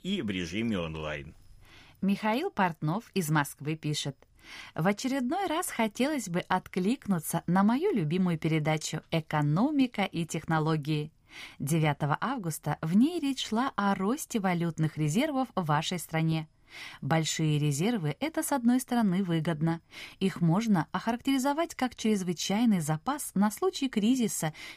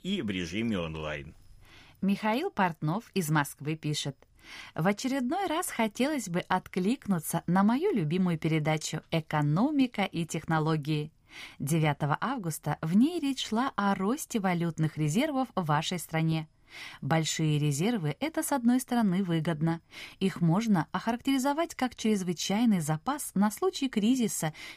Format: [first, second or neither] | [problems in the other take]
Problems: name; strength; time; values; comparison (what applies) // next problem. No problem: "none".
neither | none